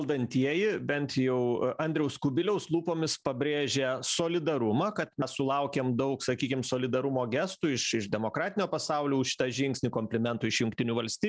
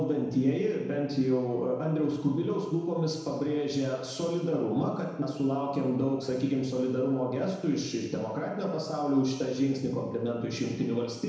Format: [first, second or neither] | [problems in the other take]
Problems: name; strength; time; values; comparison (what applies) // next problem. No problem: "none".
first | room echo; dies away in 1 s